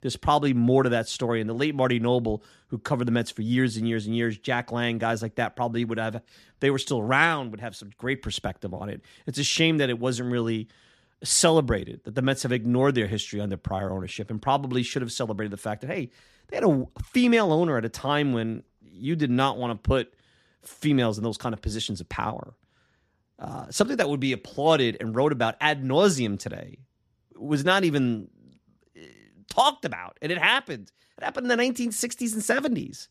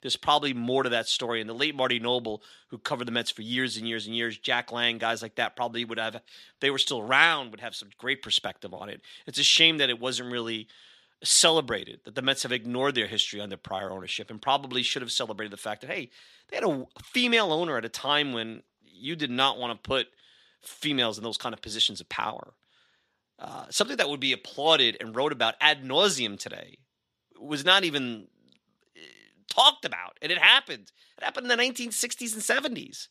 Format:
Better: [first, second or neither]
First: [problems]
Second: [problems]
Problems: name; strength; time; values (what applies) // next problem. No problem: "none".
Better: first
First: none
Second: thin; somewhat; fading below 650 Hz